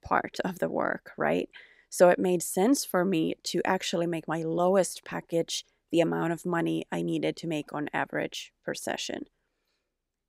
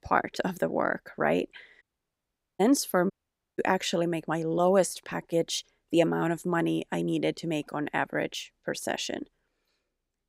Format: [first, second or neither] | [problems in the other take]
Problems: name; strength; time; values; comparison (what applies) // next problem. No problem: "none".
first | audio cutting out; at 2 s for 1 s and at 3 s